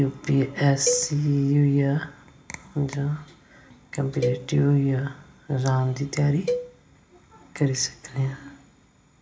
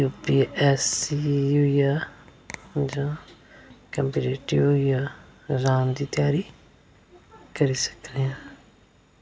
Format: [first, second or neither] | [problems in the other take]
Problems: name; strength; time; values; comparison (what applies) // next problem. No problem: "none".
second | background sound (Cowbell); 9 dB below the speech // room echo; dies away in 0.4 s